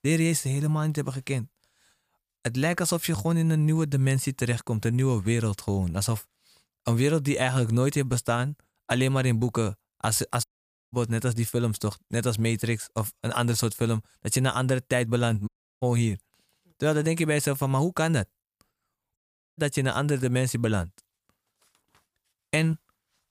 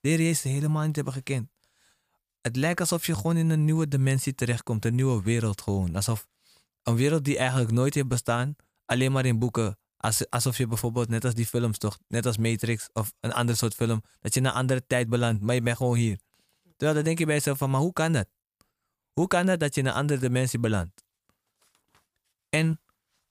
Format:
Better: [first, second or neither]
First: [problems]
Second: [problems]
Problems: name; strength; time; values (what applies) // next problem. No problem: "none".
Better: second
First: audio cutting out; at 10 s, at 15 s and at 19 s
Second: none